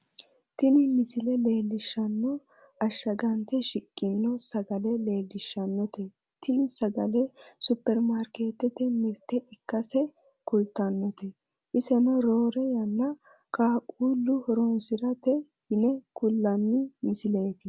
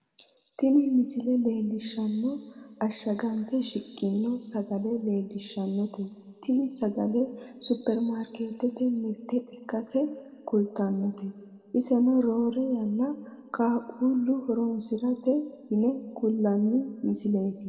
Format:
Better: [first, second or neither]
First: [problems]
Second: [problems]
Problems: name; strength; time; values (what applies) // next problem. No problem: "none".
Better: first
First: none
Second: room echo; dies away in 2.1 s